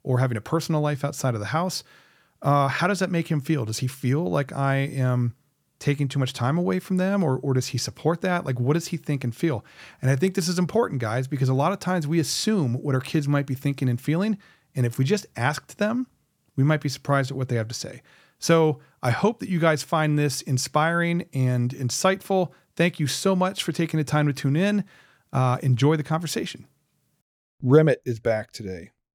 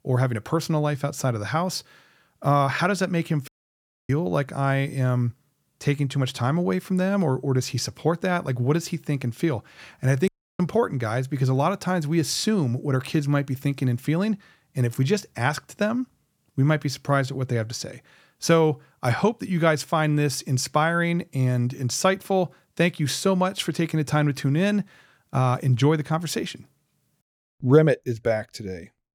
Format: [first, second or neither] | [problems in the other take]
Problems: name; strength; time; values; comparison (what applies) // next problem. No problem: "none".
first | audio cutting out; at 3.5 s for 0.5 s and at 10 s